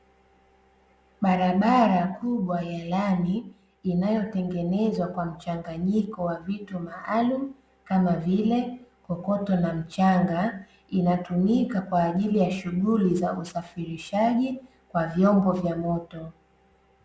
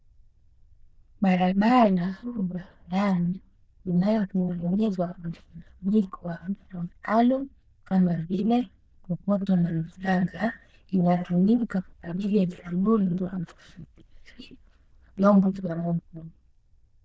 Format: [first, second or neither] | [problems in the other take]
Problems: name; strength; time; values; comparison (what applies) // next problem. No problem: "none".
first | noise reduction (neural diffusion model UNIVERSE++)